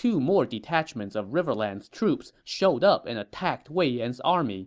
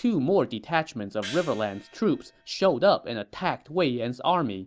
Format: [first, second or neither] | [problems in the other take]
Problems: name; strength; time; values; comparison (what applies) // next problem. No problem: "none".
first | background sound (Gong); 17 dB below the speech